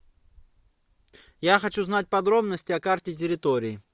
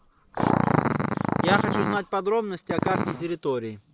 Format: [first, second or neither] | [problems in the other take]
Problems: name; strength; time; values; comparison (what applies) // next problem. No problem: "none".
first | background sound (Growling); 2 dB above the speech